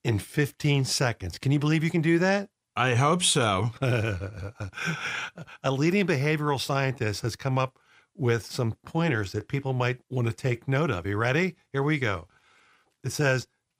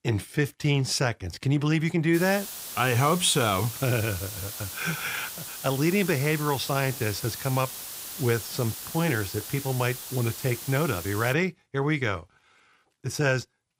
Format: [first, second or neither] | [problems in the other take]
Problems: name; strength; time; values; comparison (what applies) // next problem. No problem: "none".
first | hiss; loud; from 2 to 11 s; 9 dB below the speech